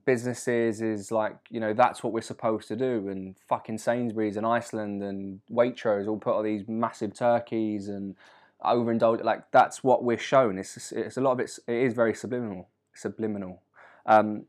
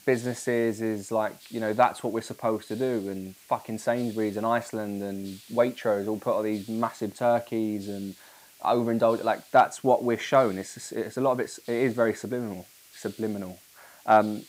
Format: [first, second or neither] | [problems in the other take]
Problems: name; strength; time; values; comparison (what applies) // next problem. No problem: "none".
first | hiss; faint; throughout; 25 dB below the speech